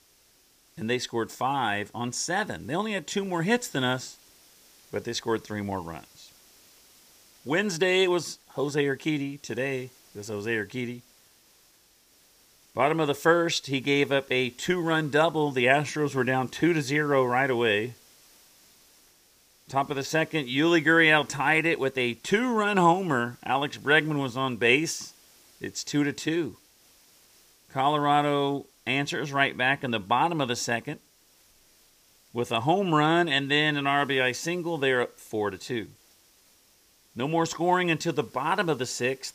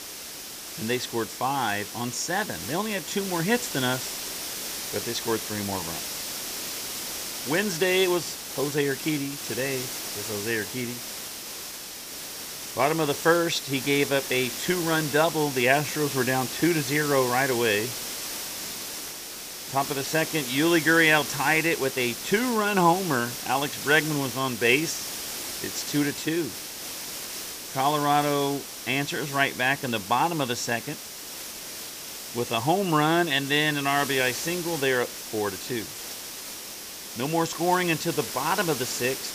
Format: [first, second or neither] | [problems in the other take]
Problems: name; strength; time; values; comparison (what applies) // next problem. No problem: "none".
first | hiss; loud; throughout; 7 dB below the speech; faint in the first